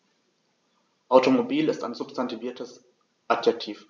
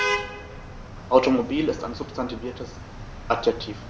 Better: first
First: none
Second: background sound (Traffic noise, roadway noise / Vehicle horn, car horn, honking); 7 dB below the speech

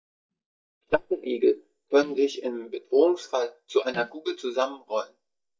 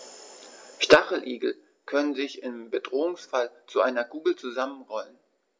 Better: second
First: noise reduction (neural mask model DeepFilterNet 3)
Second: none

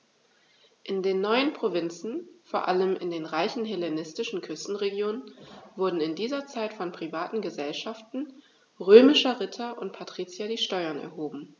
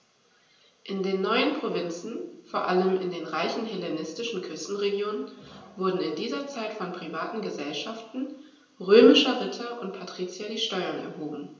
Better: first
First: none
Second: room echo; dies away in 0.9 s

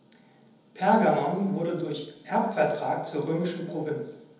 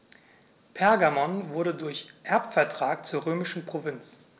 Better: second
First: room echo; dies away in 1.3 s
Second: none

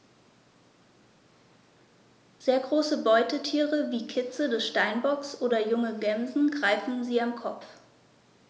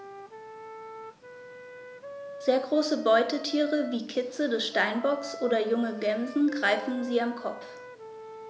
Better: first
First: none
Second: background sound (Wind instrument, woodwind instrument); 14 dB below the speech

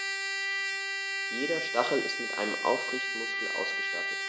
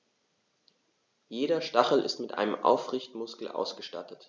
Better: second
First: background sound (Trumpet); 2 dB above the speech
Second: none

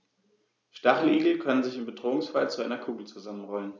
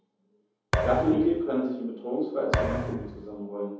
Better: first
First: none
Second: background sound (Thump, thud); 2 dB below the speech // room echo; dies away in 0.8 s

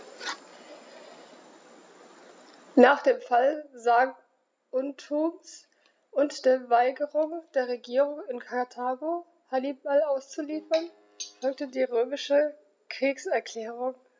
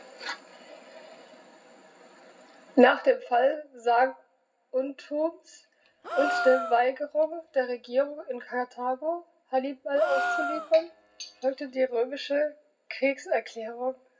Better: first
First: none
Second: background sound (Gasp); 6 dB below the speech // room echo; dies away in 0.4 s

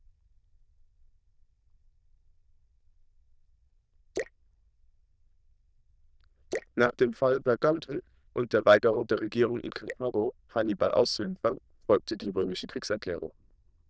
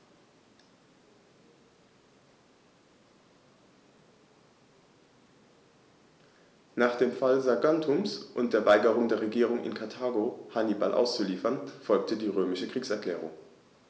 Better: second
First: noise reduction (neural diffusion model UNIVERSE++)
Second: none

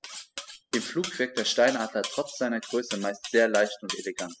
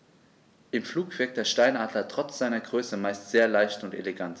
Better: second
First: noise reduction (classical method spectral subtraction)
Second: none

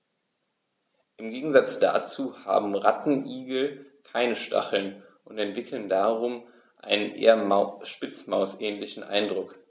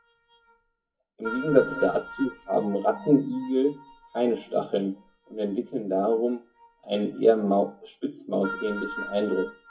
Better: first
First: none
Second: noise reduction (classical method WPE with log-MMSE)

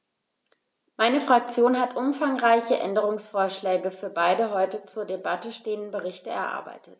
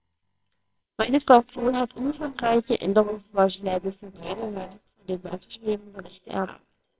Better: first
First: none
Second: noise reduction (neural separator model SepFormer WHAMR!)

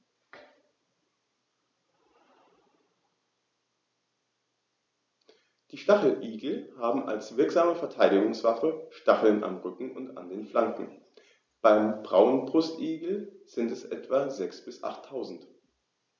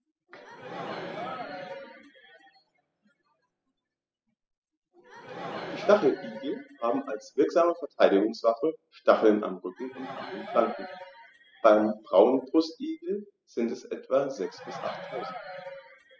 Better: first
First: none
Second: noise reduction (classical method spectral subtraction)

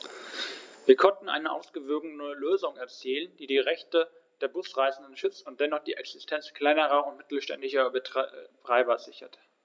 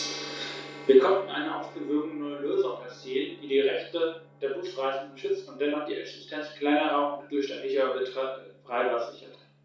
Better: first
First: none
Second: background sound (Gong); 18 dB below the speech // room echo; dies away in 0.4 s

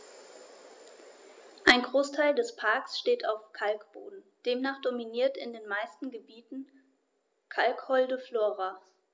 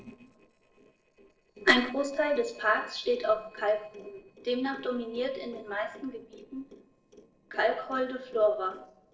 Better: first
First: none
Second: noise reduction (neural separator model SepFormer DNS4)

